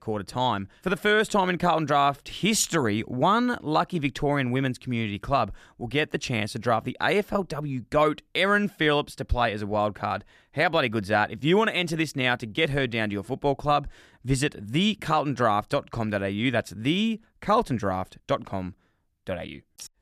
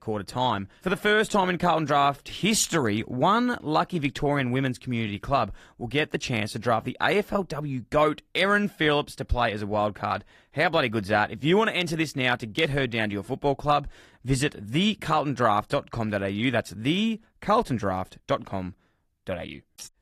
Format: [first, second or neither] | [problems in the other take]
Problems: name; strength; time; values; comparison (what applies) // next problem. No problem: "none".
first | garbled, watery; slightly; nothing above 14.5 kHz